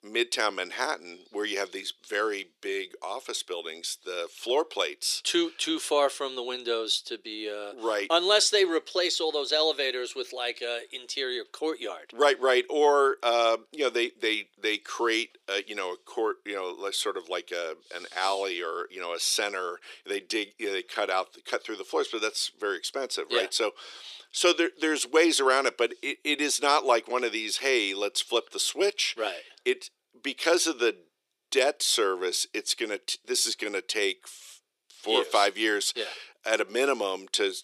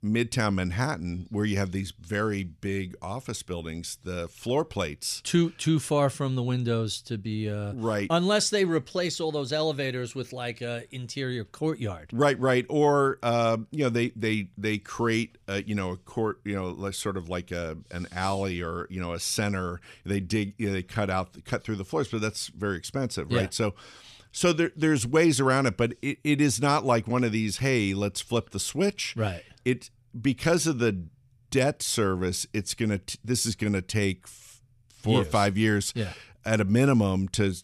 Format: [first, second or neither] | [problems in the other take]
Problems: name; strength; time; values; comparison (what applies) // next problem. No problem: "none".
second | thin; very; fading below 350 Hz